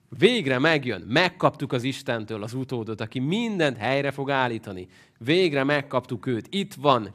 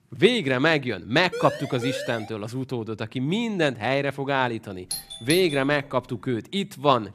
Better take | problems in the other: first | siren; noticeable; at 1.5 s; peak 8 dB below the speech // doorbell; noticeable; at 5 s; peak 7 dB below the speech

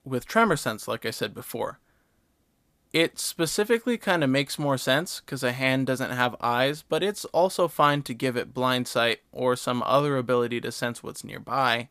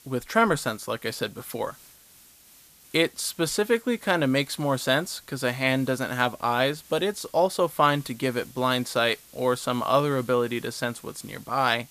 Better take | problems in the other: first | hiss; faint; throughout; 25 dB below the speech

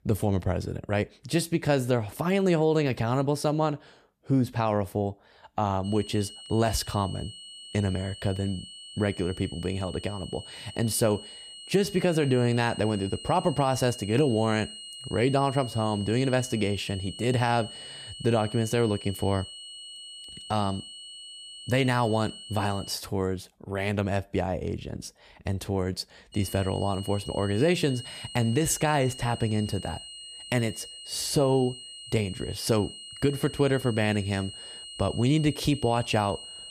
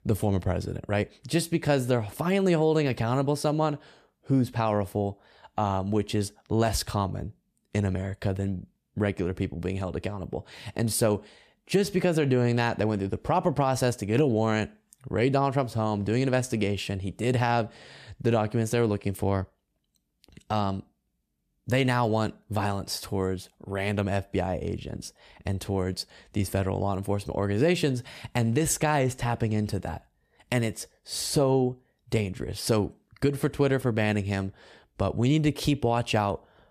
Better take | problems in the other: second | high-pitched whine; noticeable; from 6 to 23 s and from 26 s on; 3 kHz, 15 dB below the speech

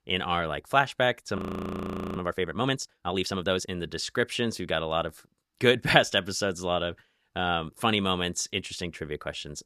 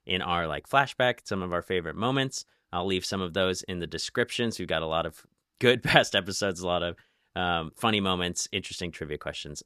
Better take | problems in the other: second | audio freezing; at 1.5 s for 1 s

